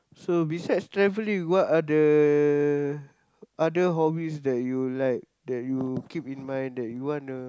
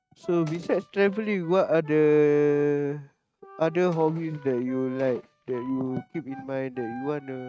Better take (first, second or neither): first